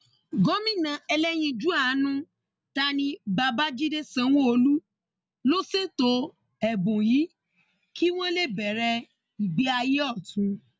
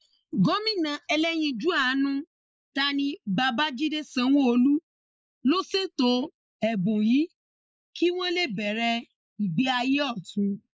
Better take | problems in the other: first | noise reduction (neural mask model Resemble Enhance denoiser)

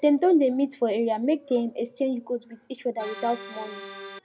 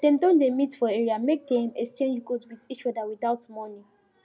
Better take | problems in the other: second | background sound (Accordion); 14 dB below the speech

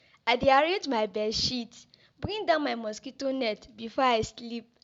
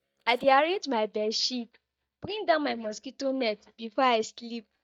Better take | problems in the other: first | noise reduction (neural mask model DeepFilterNet 3)

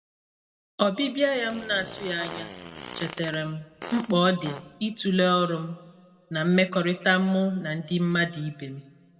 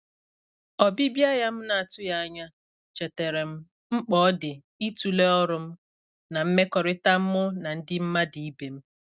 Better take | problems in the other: second | background sound (Fart); 14 dB below the speech // room echo; dies away in 1 s

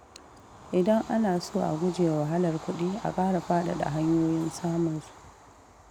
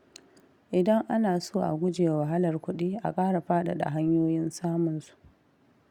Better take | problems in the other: second | background sound (Train / Bird vocalization, bird call, bird song); 16 dB below the speech

